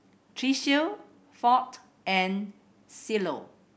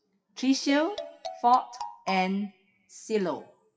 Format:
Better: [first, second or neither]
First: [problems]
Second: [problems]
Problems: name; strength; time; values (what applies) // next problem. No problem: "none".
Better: first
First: none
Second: noise reduction (classical method WPE with log-MMSE)